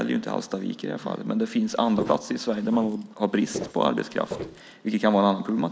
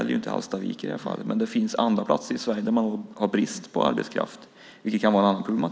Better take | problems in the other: second | noise reduction (neural mask model Resemble Enhance denoiser)

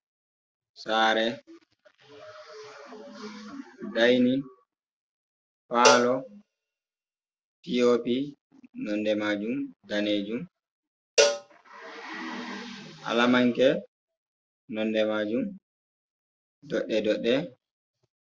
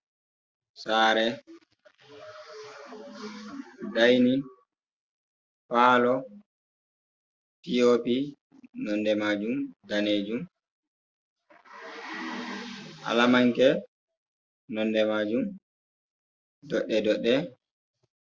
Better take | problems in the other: second | background sound (Cowbell); 1 dB below the speech

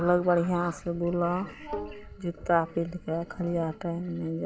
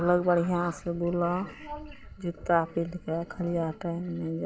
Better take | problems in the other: second | background sound (Bowed string instrument); 17 dB below the speech

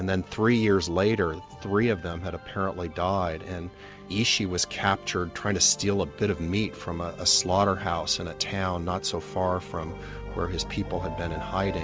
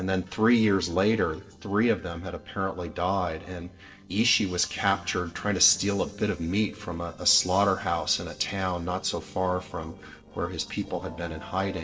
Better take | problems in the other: first | noise reduction (neural separator model SepFormer DNS4)

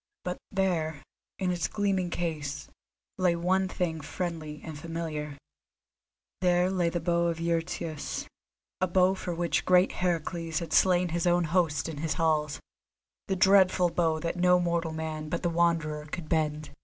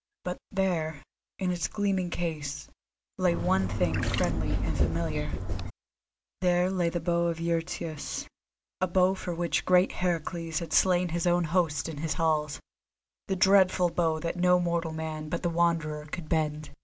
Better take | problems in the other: first | background sound (Trickle, dribble / Chirp, tweet); as loud as the speech

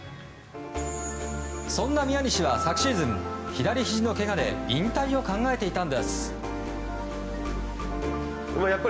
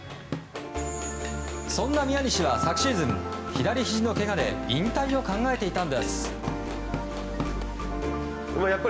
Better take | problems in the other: first | background sound (Drum / Drum kit); 11 dB below the speech

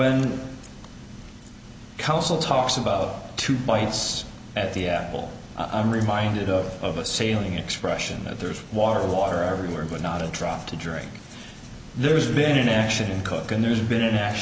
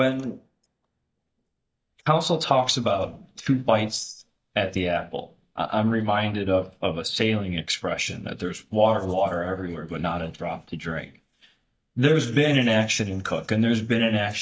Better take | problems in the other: first | noise reduction (neural mask model DeepFilterNet 3)

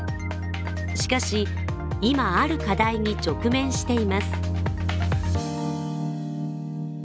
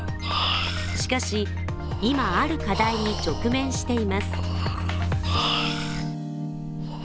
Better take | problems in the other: first | background sound (Breathing); 6 dB below the speech

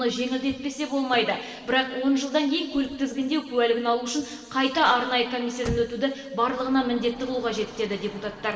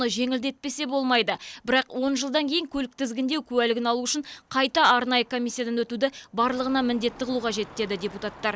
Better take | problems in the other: second | background sound (Slam / Car); 19 dB below the speech // room echo; dies away in 2 s

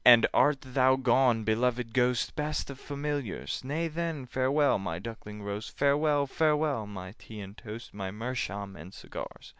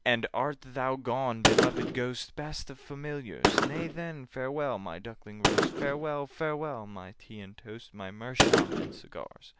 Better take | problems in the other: first | background sound (Gunshot, gunfire); 2 dB above the speech

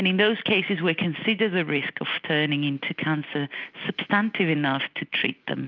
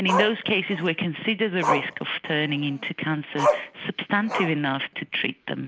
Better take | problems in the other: first | background sound (Growling); 4 dB below the speech

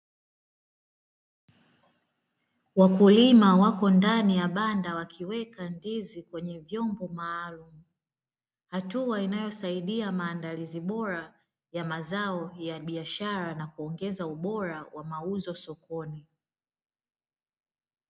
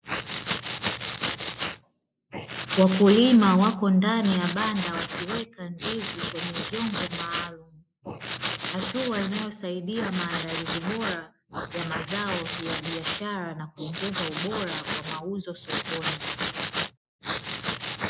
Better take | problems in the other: first | noise reduction (neural mask model Resemble Enhance denoiser)

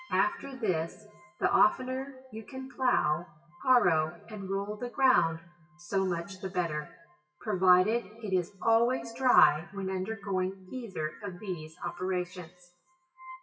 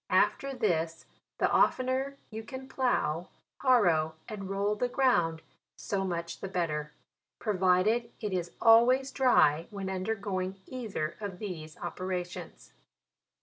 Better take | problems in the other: second | noise reduction (classical method WPE with log-MMSE)

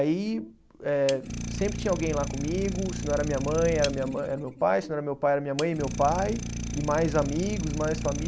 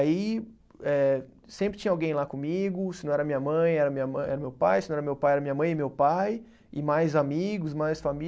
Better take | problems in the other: second | background sound (Idling); 6 dB below the speech

